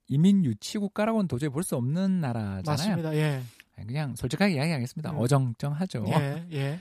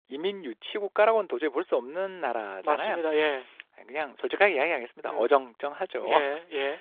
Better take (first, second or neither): first